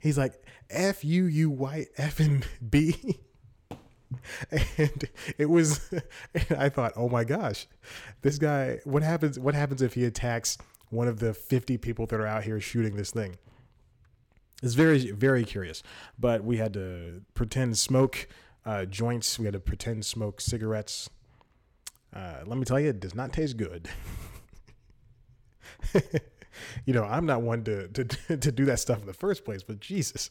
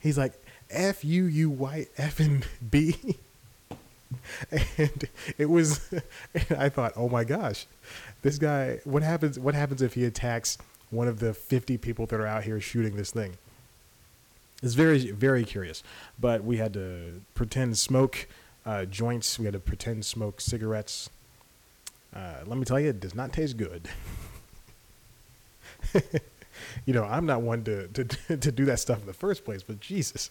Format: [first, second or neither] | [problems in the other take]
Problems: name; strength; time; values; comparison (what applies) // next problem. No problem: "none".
first | hiss; faint; throughout; 30 dB below the speech